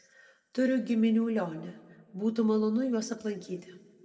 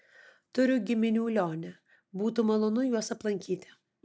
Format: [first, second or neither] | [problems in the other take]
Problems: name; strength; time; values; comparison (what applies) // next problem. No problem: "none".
second | room echo; dies away in 1.1 s